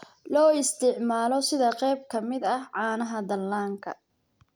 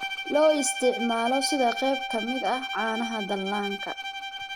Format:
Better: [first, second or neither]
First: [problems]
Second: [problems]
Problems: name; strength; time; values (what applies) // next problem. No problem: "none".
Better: first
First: none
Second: background sound (Bowed string instrument); 6 dB below the speech